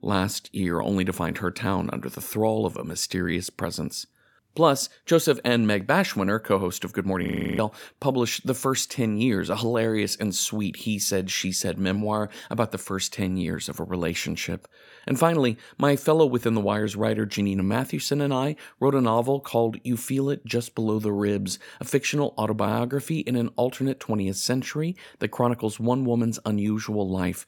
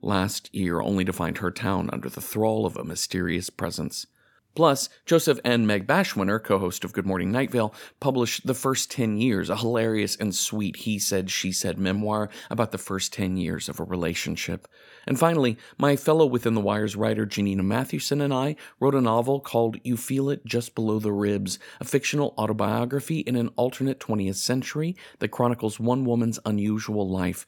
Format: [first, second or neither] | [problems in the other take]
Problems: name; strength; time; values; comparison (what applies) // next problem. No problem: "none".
second | audio freezing; at 7.5 s